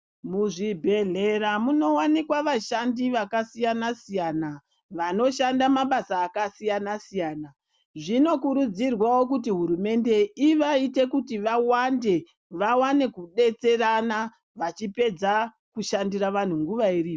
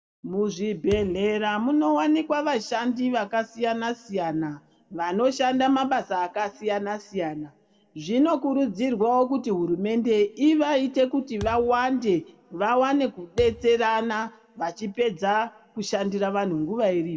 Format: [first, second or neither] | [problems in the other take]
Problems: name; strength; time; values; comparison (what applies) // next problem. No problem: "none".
first | background sound (Thump, thud); 17 dB below the speech // room echo; dies away in 0.5 s